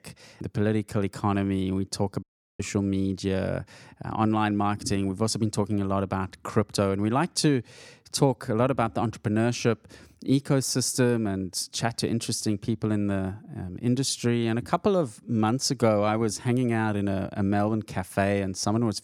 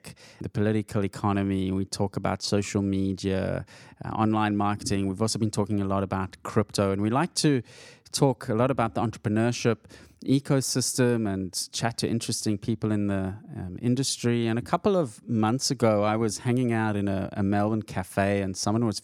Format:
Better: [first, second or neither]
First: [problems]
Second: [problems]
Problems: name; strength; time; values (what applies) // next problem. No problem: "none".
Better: second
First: audio cutting out; at 2 s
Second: none